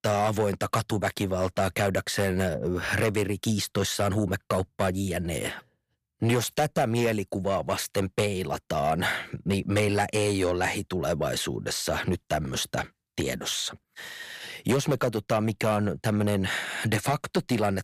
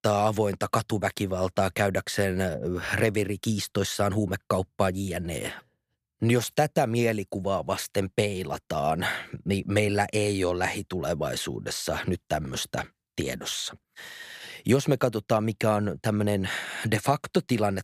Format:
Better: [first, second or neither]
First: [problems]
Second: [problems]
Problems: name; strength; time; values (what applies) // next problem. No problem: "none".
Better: second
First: distortion; slight; 10 dB below the speech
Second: none